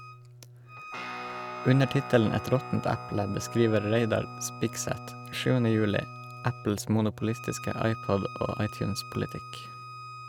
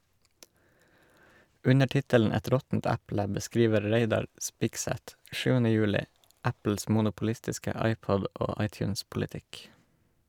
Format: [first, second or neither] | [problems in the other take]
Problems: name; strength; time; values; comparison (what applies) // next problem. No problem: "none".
second | background sound (Guitar + Bowed string instrument); 12 dB below the speech